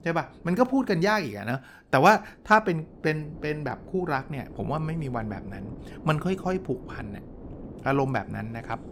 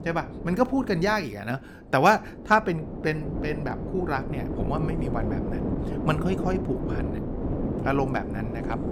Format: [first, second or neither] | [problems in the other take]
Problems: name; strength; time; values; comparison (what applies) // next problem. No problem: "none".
first | wind noise on the microphone; heavy; 10 dB below the speech; occasional gusts in the first